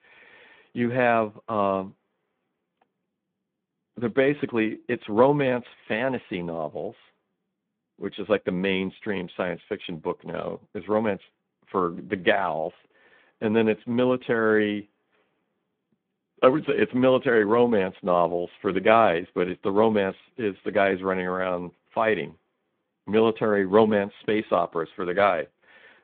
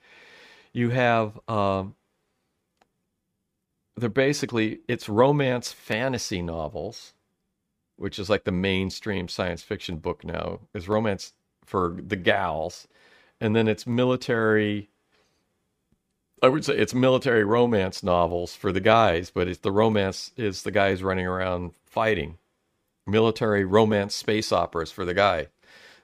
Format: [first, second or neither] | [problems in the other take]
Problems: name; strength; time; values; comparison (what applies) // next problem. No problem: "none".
second | phone-call audio